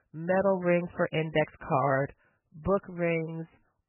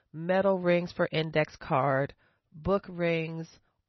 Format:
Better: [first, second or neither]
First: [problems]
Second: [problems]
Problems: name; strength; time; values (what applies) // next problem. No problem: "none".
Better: second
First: garbled, watery; badly; nothing above 3 kHz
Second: garbled, watery; slightly; nothing above 6 kHz